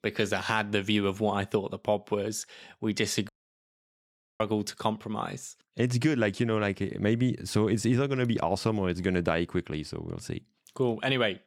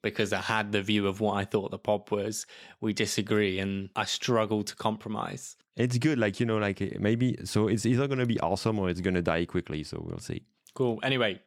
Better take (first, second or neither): second